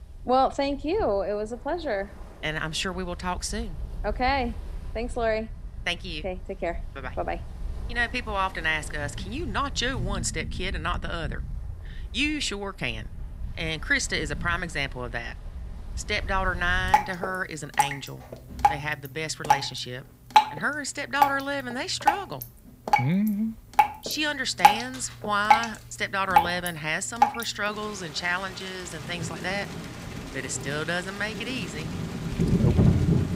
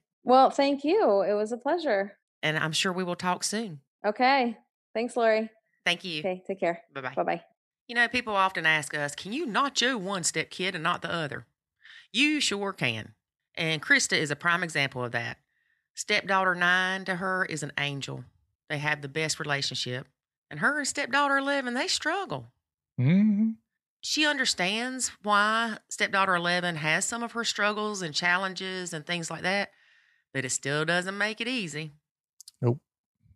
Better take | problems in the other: second | rain or running water; very loud; throughout; 1 dB above the speech

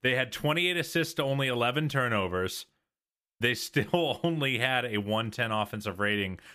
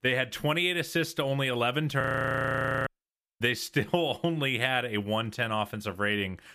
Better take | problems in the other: first | audio freezing; at 2 s for 1 s

